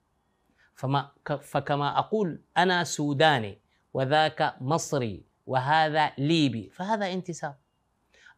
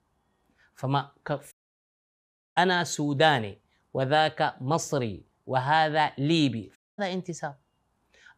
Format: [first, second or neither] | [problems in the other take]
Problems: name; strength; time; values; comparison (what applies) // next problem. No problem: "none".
first | audio cutting out; at 1.5 s for 1 s and at 7 s